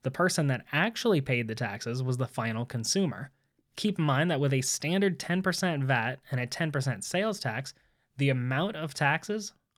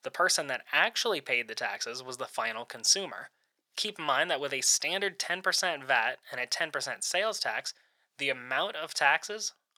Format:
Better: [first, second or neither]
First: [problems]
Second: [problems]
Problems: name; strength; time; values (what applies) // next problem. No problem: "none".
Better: first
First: none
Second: thin; very; fading below 700 Hz